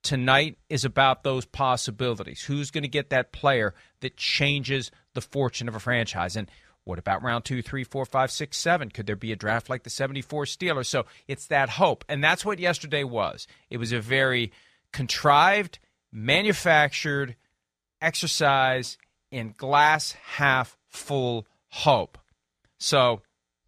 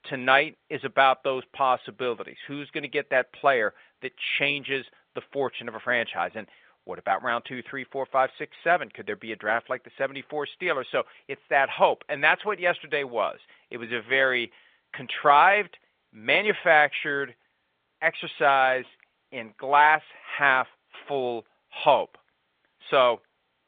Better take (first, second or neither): first